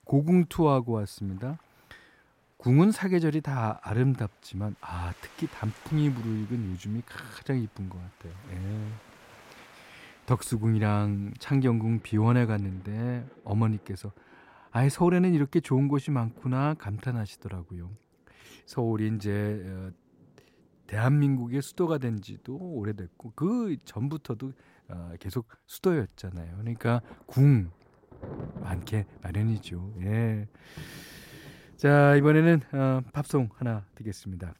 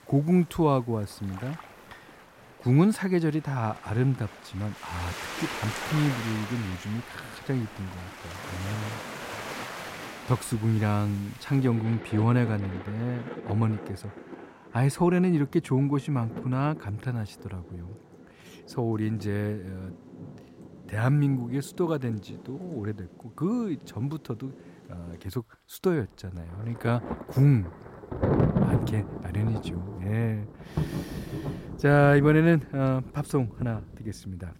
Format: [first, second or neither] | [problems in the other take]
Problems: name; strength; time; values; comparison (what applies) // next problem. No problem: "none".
first | rain or running water; loud; throughout; 9 dB below the speech; faint in the first